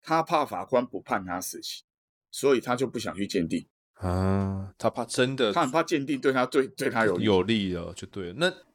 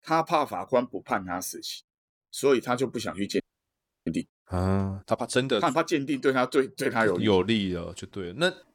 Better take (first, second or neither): first